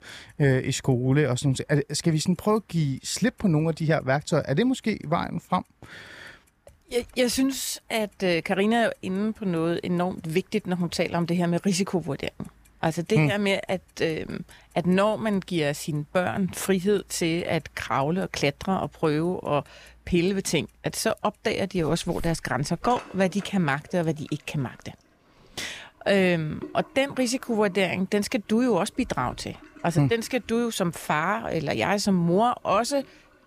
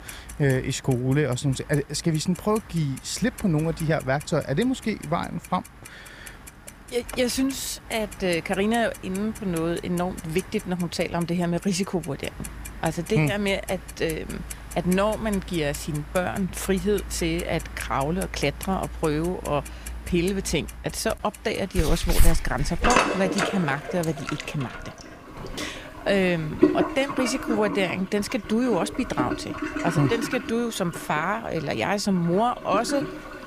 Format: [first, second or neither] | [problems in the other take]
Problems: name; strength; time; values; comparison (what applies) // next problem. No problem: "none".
first | household noises; loud; throughout; 7 dB below the speech; faint in the first